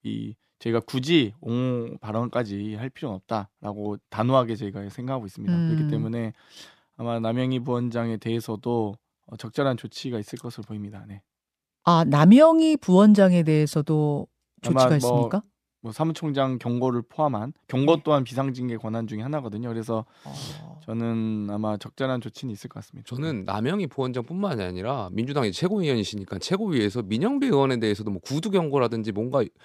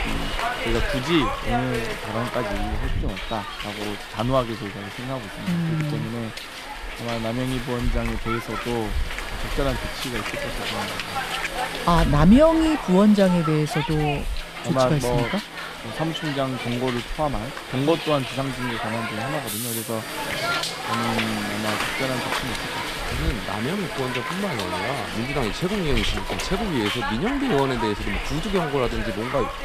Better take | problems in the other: first | hiss; loud; throughout; 3 dB below the speech

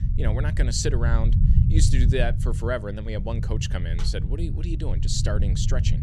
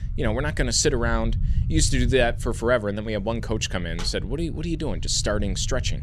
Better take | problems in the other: second | low rumble; loud; throughout; 8 dB below the speech; faint in the second

